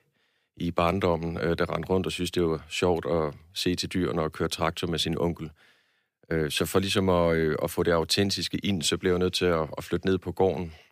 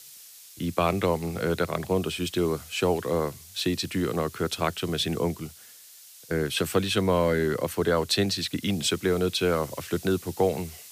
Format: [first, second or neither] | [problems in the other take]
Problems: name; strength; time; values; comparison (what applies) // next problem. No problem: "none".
first | hiss; noticeable; throughout; 20 dB below the speech